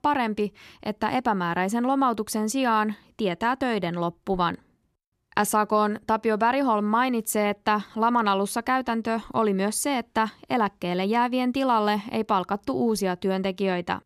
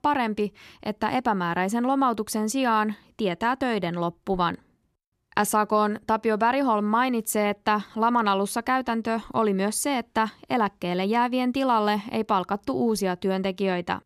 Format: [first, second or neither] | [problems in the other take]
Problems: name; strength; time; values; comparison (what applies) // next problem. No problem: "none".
neither | none